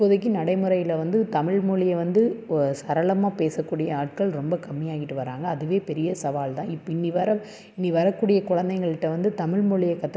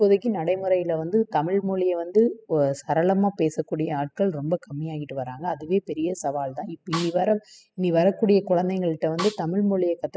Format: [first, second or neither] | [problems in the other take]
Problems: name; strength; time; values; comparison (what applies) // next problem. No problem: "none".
first | noise reduction (classical method spectral subtraction)